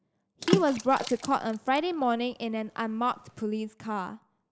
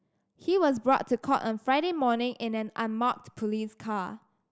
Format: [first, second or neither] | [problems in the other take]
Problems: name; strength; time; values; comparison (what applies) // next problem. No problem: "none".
second | background sound (Water / Splash, splatter); 6 dB below the speech